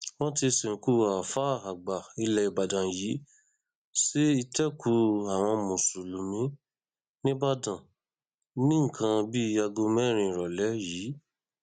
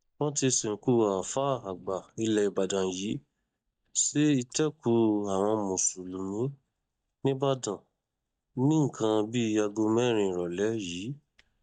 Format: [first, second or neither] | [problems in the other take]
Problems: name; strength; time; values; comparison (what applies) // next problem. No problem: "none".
first | noise reduction (neural mask model DeepFilterNet 3)